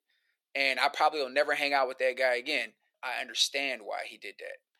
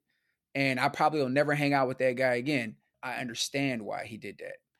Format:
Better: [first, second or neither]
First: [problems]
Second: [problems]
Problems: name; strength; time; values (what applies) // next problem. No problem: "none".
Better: second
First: thin; somewhat; fading below 450 Hz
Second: none